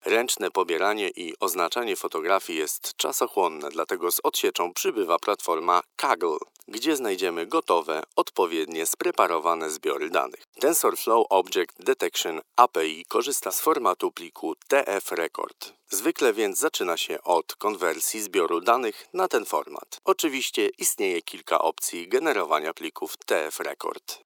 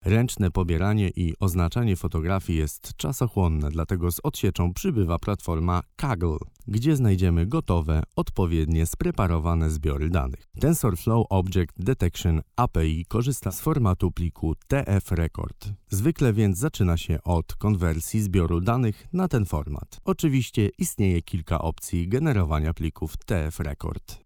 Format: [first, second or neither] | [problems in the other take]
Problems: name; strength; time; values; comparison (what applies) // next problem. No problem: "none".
second | thin; very; fading below 400 Hz